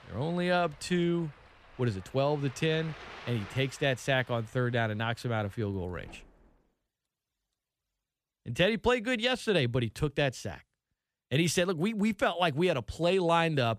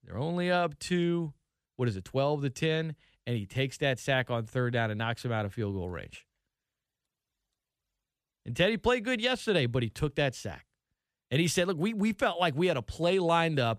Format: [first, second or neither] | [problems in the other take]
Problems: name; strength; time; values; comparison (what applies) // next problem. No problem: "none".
second | rain or running water; faint; until 6.5 s; 20 dB below the speech